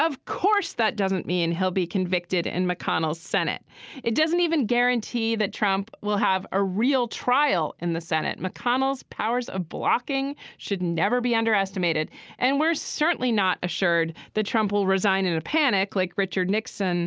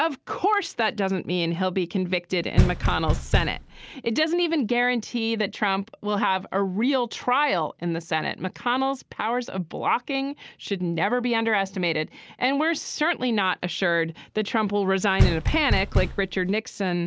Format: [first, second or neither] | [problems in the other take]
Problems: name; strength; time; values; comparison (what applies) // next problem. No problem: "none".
first | background sound (Knock); 1 dB above the speech